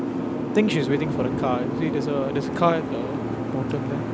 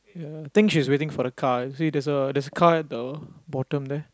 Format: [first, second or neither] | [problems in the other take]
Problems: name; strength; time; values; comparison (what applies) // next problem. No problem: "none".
second | background sound (Boat, Water vehicle); 1 dB below the speech